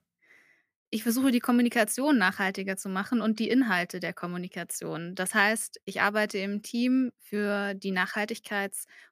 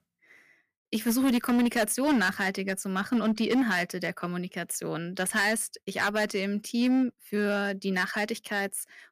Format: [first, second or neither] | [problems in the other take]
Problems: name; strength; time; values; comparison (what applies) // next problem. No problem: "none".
first | distortion; slight; 7% of the sound clipped